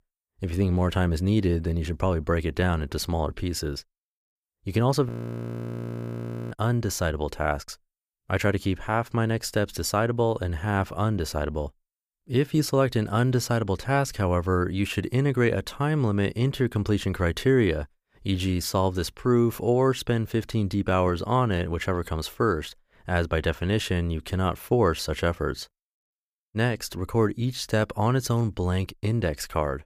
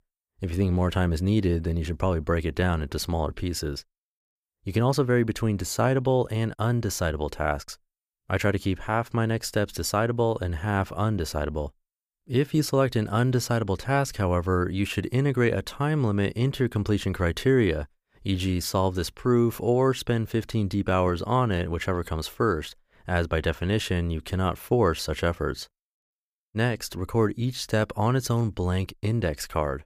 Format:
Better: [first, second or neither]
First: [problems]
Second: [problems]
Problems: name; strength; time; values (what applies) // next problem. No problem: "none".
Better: second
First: audio freezing; at 5 s for 1.5 s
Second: none